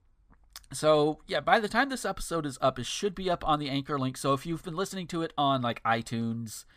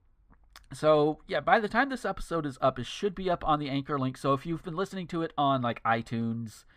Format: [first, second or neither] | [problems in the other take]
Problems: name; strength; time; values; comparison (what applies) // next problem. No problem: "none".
first | muffled; slightly; fading above 4 kHz